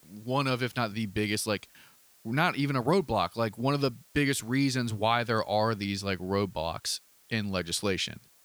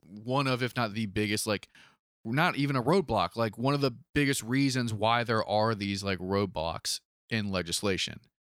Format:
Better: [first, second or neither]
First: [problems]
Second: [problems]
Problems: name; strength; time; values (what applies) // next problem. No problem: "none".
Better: second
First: hiss; faint; throughout; 30 dB below the speech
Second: none